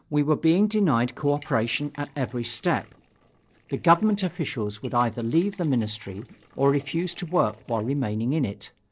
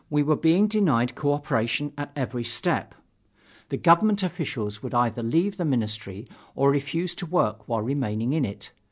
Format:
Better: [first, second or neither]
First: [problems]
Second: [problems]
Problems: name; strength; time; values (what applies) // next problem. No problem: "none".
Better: second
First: noise reduction (neural separator model SepFormer DNS4)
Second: none